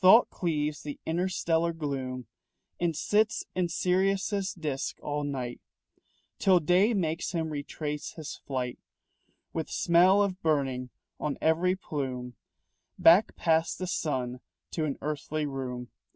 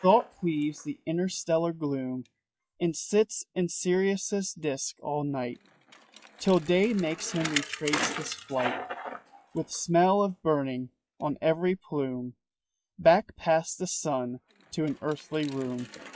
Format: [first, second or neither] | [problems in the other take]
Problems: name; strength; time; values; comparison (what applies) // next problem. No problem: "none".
first | noise reduction (classical method log-MMSE)